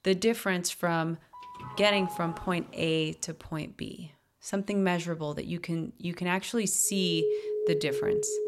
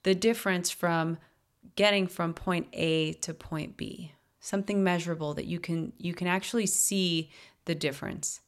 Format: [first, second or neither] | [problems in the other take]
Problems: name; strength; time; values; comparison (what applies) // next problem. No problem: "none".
second | doorbell; noticeable; from 1.5 to 3 s; peak 7 dB below the speech // alarm; loud; from 7 s on; peak level with the speech